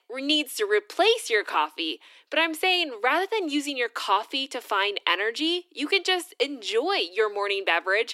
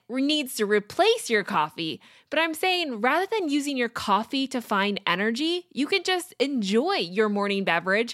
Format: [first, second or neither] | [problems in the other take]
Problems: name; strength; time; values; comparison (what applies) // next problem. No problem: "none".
second | thin; somewhat; fading below 300 Hz